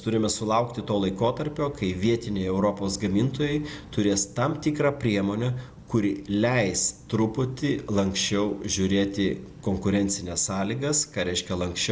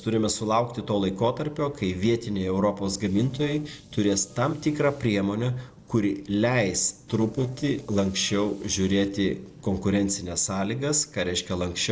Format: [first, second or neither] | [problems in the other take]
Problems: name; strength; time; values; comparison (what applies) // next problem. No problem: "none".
first | noise reduction (neural separator model SepFormer DNS4)